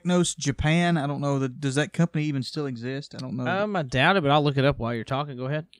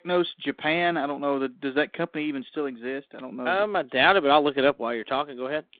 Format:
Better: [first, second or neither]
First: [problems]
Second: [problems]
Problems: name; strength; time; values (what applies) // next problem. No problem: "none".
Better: first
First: none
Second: phone-call audio; nothing above 3.5 kHz